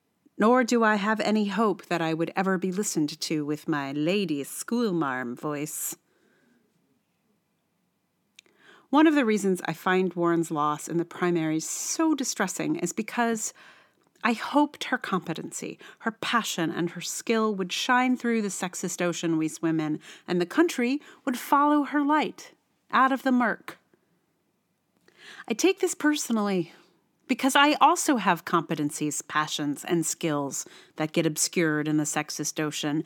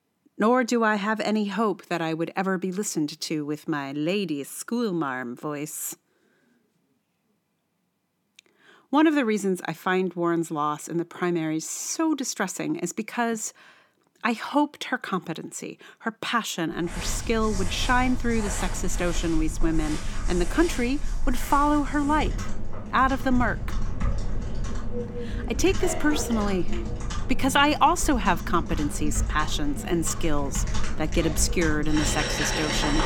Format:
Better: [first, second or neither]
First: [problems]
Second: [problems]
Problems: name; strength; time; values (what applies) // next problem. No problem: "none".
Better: first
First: none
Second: household noises; loud; from 17 s on; 6 dB below the speech